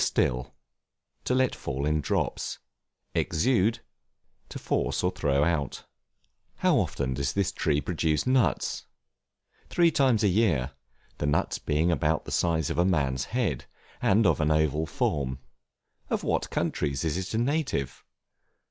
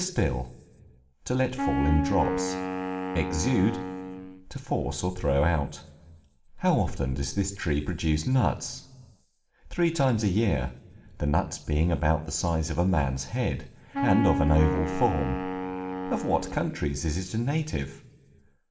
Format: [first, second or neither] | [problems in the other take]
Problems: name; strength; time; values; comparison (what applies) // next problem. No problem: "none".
first | background sound (Wind instrument, woodwind instrument); 4 dB below the speech // room echo; dies away in 1.6 s